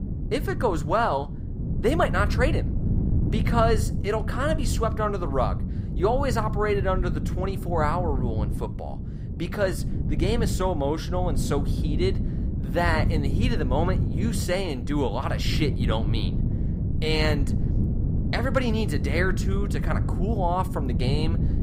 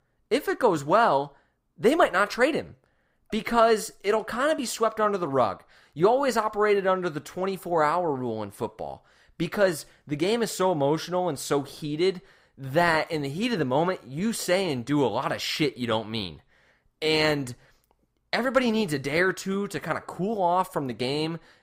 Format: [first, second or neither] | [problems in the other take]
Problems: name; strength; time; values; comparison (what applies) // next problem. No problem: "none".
second | wind noise on the microphone; occasional gusts; 10 dB below the speech